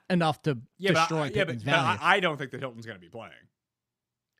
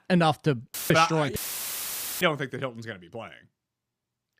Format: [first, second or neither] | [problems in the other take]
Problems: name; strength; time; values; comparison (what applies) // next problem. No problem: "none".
first | audio cutting out; filled with static; at 0.5 s and at 1.5 s for 1 s